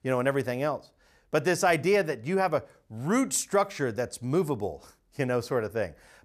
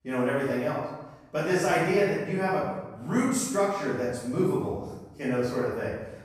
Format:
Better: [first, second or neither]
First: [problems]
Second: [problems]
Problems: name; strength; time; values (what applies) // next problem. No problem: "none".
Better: first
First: none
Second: off-mic speech; far // room echo; strong; dies away in 0.9 s